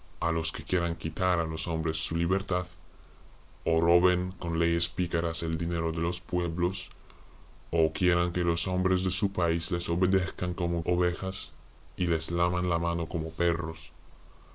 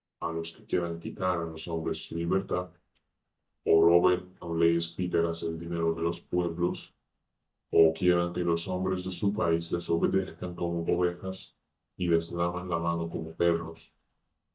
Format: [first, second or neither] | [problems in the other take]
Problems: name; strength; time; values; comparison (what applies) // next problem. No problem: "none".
first | noise reduction (neural mask model DeepFilterNet 3)